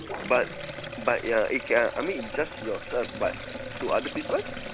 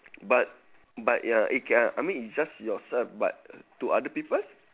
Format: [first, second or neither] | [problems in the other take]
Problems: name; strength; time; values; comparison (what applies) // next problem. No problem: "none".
second | background sound (Sink (filling or washing)); 8 dB below the speech